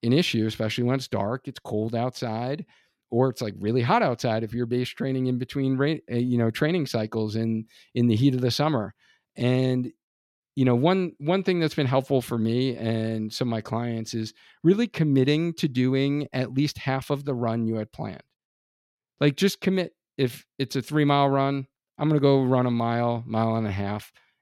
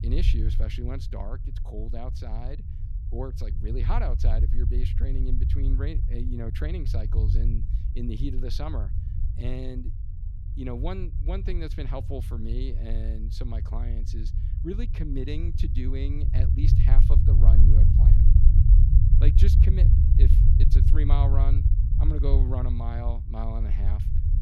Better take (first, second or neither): first